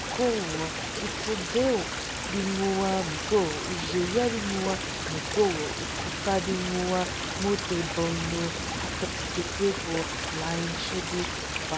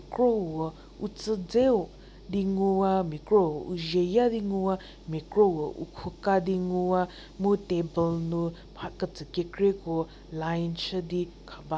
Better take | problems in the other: second | background sound (Stream); 3 dB below the speech

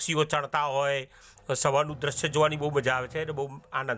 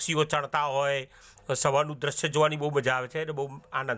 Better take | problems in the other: second | background sound (Engine / Truck / Car); 19 dB below the speech

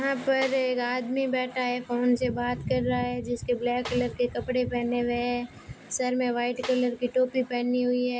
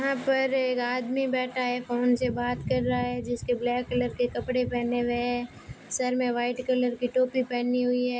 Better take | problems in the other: second | background sound (Snare drum); 18 dB below the speech

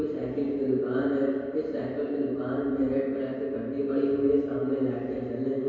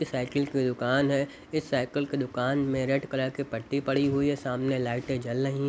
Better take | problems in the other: second | room echo; dies away in 2.2 s

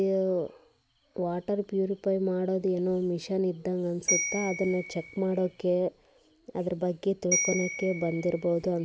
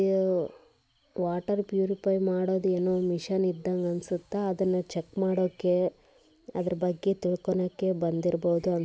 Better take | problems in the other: second | background sound (Bell); 4 dB below the speech

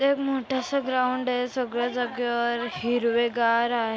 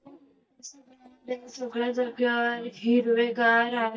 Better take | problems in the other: first | noise reduction (neural mask model DeepFilterNet 3)

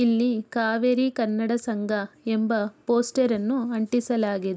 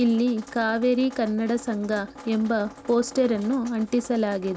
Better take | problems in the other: first | background sound (Drip); 20 dB below the speech

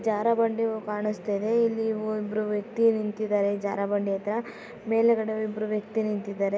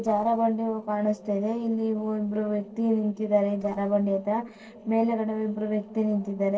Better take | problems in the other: first | noise reduction (neural separator model SepFormer DNS4)

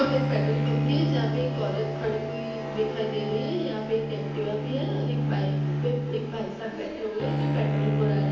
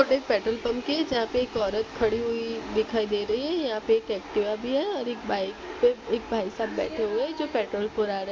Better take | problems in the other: second | background sound (Bowed string instrument); 2 dB above the speech // room echo; dies away in 0.9 s

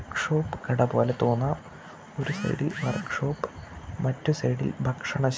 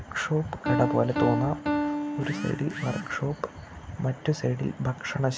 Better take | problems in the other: first | background sound (Piano); 4 dB below the speech

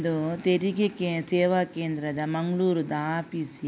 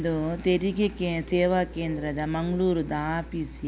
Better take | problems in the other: first | background sound (Musical instrument); 15 dB below the speech

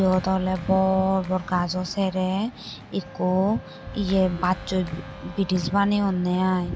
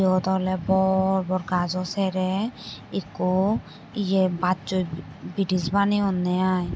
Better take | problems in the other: second | background sound (Wind instrument, woodwind instrument + Clapping); 18 dB below the speech

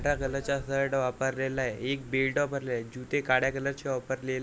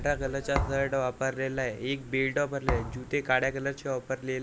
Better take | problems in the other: first | background sound (Thump, thud); 5 dB below the speech

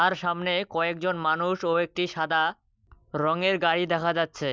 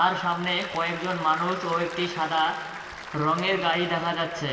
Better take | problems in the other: first | background sound (Applause / Crowd); 13 dB below the speech // room echo; dies away in 2.5 s

